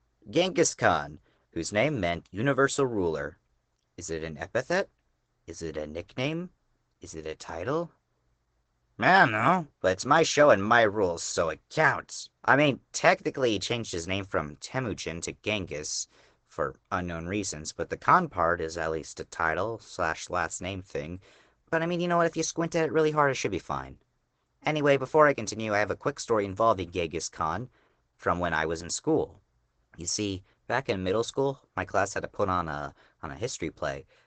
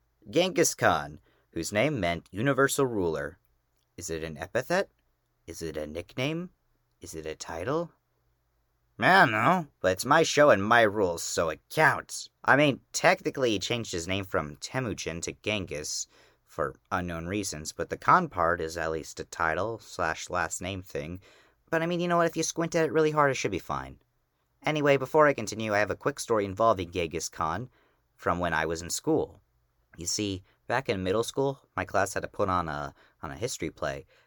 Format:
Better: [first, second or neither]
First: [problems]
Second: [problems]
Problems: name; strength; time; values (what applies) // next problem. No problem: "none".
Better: second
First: garbled, watery; badly; nothing above 8 kHz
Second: none